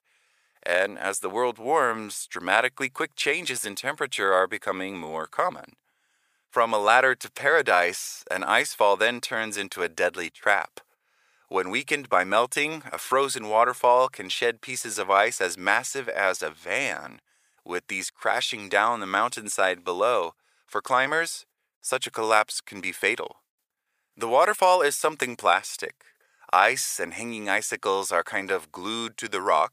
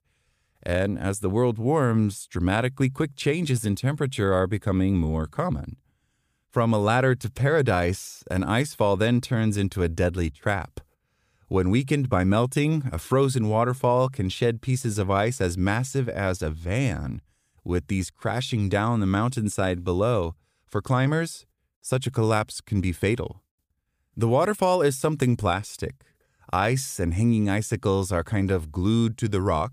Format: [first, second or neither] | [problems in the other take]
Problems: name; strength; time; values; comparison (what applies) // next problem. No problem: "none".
second | thin; very; fading below 700 Hz